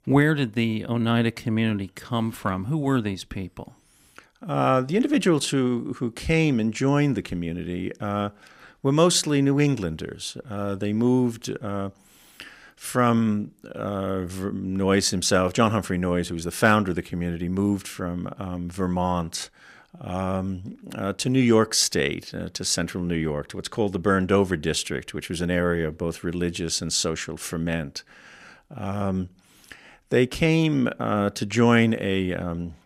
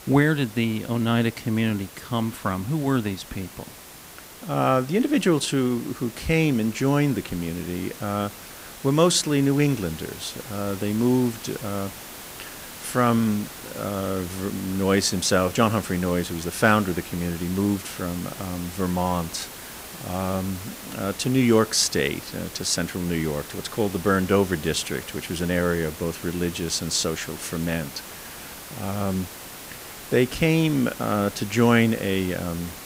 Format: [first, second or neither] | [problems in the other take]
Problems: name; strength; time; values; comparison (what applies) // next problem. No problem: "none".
first | hiss; noticeable; throughout; 15 dB below the speech